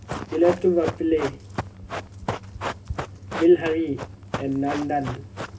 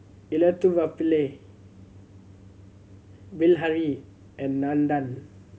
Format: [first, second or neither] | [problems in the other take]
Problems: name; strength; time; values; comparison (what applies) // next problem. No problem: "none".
second | background sound (Run); 9 dB below the speech // room echo; dies away in 0.4 s